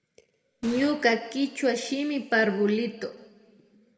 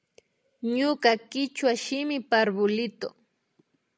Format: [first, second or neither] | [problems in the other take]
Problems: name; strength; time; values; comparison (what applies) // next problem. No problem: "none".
second | background sound (Gunshot, gunfire); 20 dB below the speech // room echo; dies away in 1.4 s